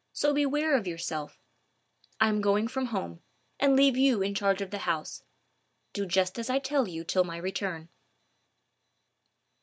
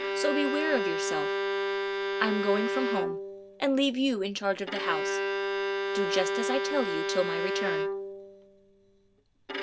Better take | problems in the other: first | background sound (Bowed string instrument); 1 dB above the speech

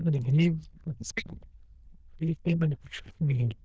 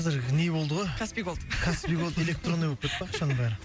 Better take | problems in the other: second | noise reduction (neural diffusion model UNIVERSE++)

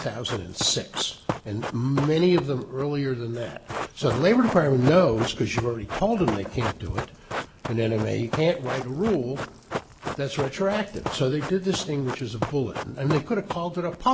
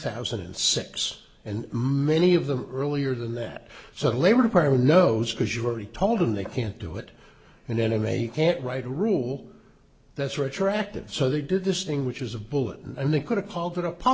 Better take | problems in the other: second | background sound (Run); 9 dB below the speech

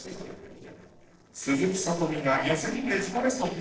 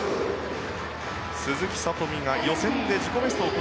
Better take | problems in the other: second | noise reduction (neural separator model SepFormer DNS4)

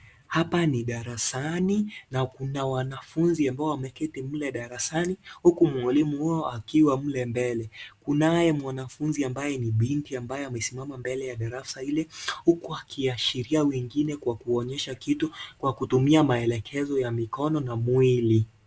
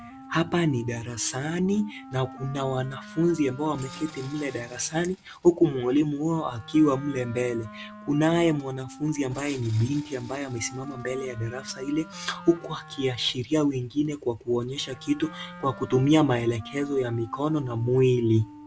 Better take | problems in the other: first | background sound (Wind instrument, woodwind instrument + Tools); 18 dB below the speech

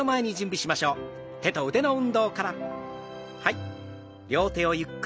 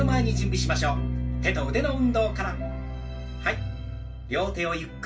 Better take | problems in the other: first | background sound (Bass guitar); as loud as the speech // room echo; dies away in 0.2 s

